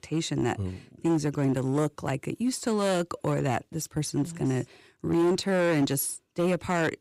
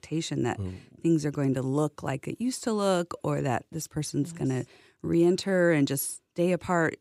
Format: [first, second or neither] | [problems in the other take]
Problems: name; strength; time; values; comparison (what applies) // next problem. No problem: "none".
second | distortion; slight; 8% of the sound clipped